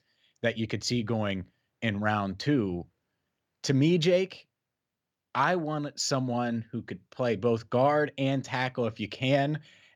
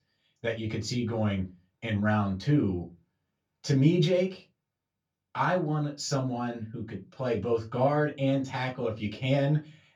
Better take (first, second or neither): first